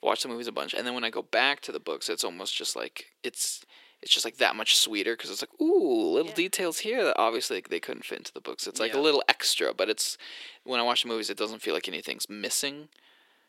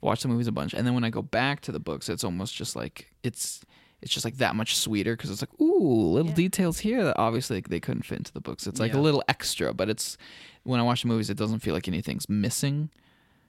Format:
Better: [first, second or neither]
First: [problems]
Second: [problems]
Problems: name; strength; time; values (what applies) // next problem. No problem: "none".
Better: second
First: thin; very; fading below 350 Hz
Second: none